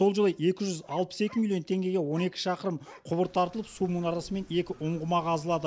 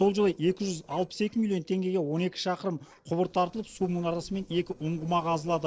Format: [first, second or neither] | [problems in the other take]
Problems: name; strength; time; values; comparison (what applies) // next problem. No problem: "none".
first | noise reduction (neural separator model SepFormer DNS4)